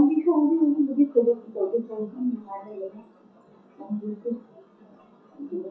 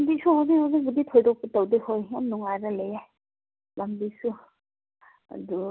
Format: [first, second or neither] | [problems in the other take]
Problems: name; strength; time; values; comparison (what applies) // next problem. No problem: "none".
second | noise reduction (classical method WPE with log-MMSE)